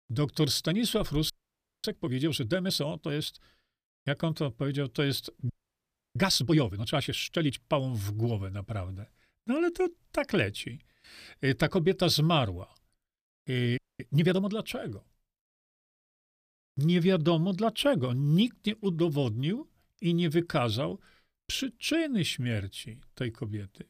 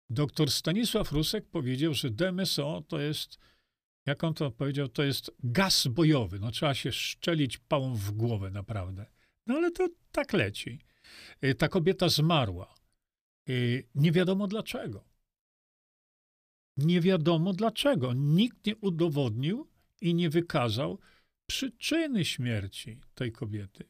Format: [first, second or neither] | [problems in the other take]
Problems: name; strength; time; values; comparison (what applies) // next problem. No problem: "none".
second | audio freezing; at 1.5 s for 0.5 s, at 5.5 s for 0.5 s and at 14 s